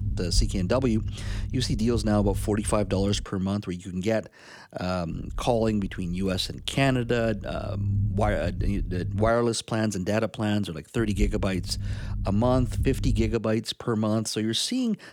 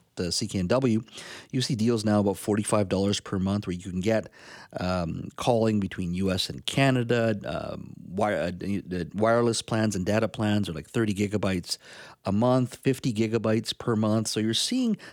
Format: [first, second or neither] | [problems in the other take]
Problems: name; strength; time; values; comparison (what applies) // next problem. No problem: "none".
second | low rumble; noticeable; until 3 s, from 5 to 9.5 s and from 11 to 13 s; 20 dB below the speech